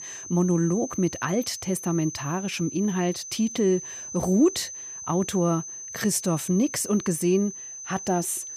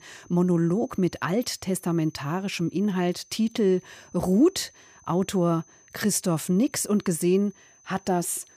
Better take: second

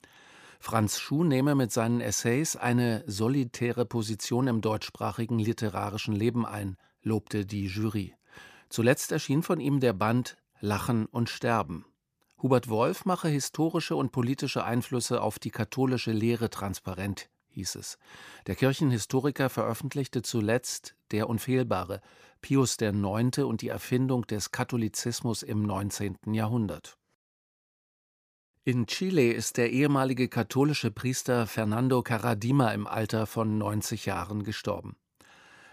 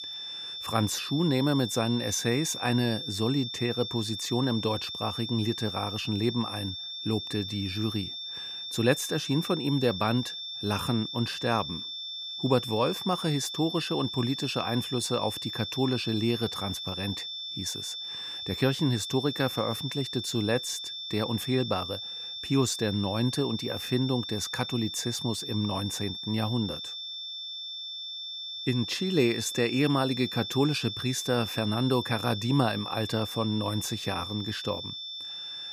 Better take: first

